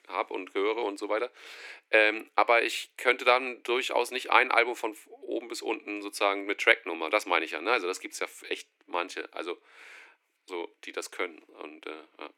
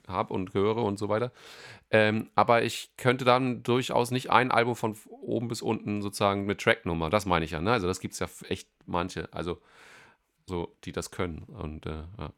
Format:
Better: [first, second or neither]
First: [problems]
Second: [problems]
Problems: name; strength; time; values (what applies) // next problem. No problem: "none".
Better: second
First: thin; very; fading below 300 Hz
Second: none